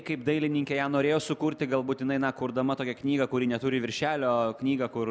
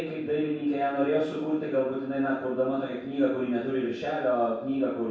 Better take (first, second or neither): first